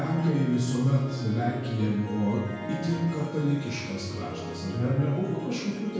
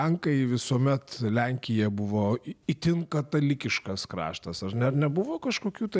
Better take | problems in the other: second | background sound (Harp); 11 dB below the speech // room echo; dies away in 1 s

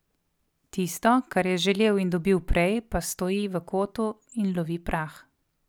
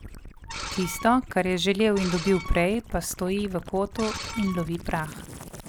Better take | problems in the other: first | background sound (Gurgling / Liquid + Screech); 12 dB below the speech

